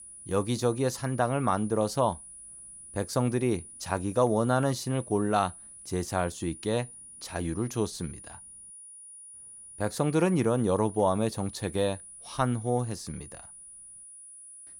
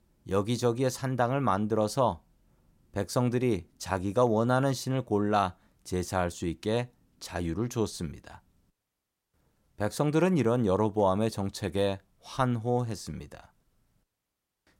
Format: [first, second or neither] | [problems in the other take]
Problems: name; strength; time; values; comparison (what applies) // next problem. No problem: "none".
second | high-pitched whine; noticeable; throughout; 9.5 kHz, 15 dB below the speech